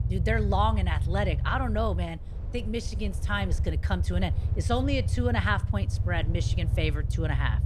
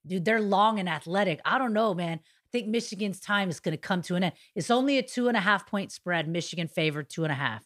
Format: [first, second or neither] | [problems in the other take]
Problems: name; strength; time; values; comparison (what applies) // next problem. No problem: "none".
second | low rumble; noticeable; throughout; 15 dB below the speech